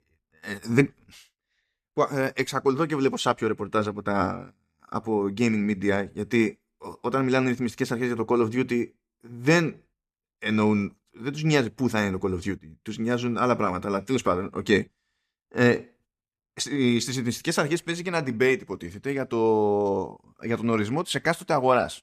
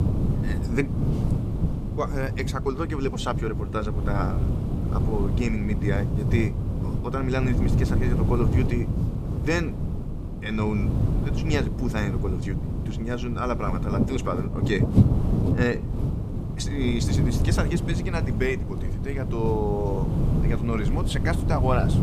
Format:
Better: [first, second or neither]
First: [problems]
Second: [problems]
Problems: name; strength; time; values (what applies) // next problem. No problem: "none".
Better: first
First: none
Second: wind noise on the microphone; heavy; 5 dB below the speech